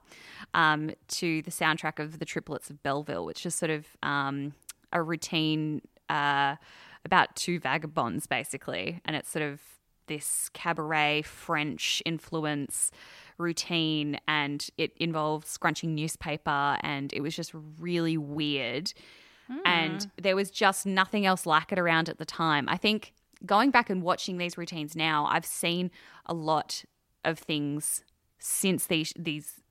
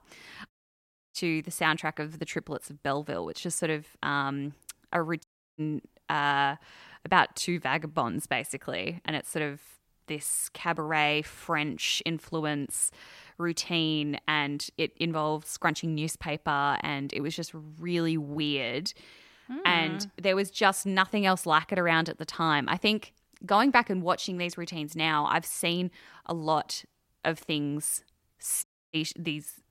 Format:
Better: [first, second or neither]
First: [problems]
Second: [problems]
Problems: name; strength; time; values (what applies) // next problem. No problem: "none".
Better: first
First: none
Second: audio cutting out; at 0.5 s for 0.5 s, at 5 s and at 29 s